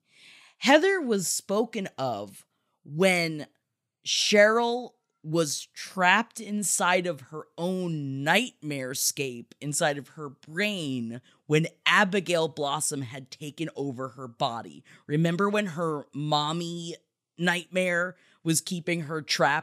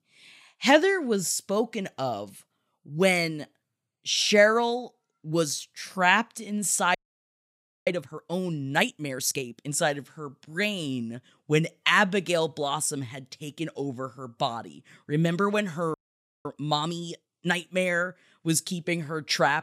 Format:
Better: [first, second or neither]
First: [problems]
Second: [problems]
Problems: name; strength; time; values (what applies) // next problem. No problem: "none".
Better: first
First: none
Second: audio freezing; at 7 s for 1 s and at 16 s for 0.5 s